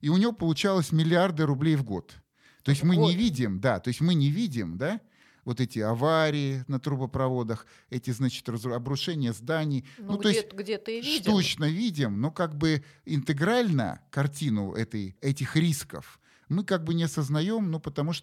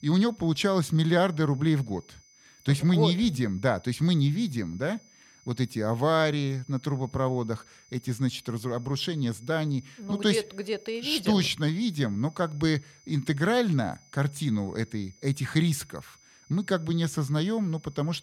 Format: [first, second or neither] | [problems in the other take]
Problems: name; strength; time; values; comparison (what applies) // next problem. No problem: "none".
first | high-pitched whine; faint; throughout; 6 kHz, 30 dB below the speech